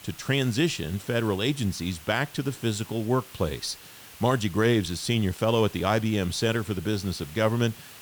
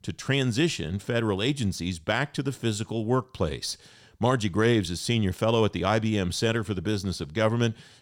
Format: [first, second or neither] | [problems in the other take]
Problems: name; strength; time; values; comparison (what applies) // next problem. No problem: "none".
second | hiss; noticeable; throughout; 20 dB below the speech